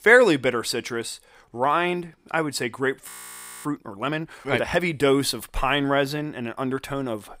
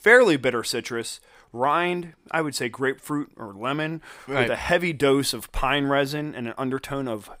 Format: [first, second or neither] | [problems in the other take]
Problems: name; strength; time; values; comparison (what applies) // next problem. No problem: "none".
second | audio freezing; at 3 s for 0.5 s